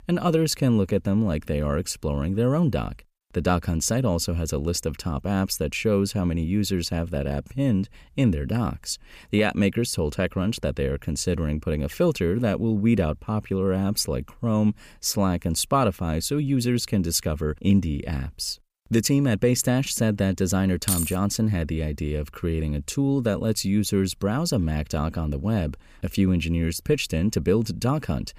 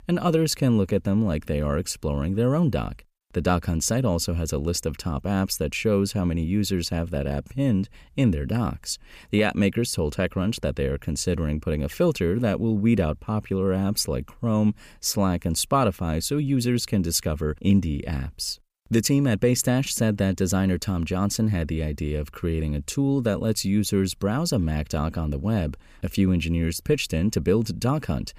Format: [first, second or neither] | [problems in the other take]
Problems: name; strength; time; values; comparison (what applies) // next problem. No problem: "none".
second | jangling keys; noticeable; at 21 s; peak 1 dB below the speech